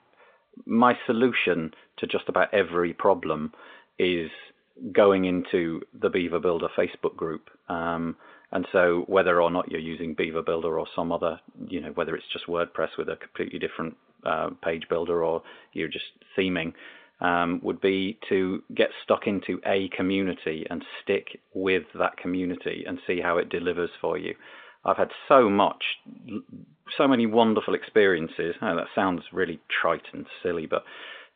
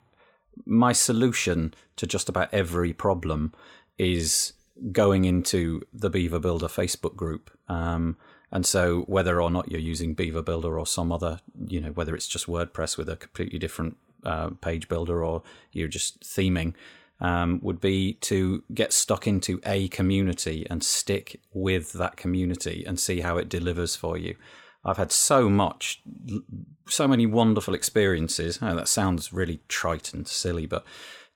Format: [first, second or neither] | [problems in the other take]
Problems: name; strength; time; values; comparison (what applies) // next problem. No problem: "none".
second | phone-call audio; nothing above 3.5 kHz